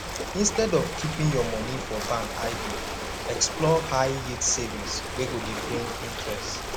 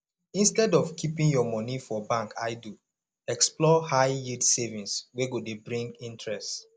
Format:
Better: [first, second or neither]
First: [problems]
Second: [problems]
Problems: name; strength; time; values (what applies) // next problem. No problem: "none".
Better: second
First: background sound (Ocean); 4 dB below the speech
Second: none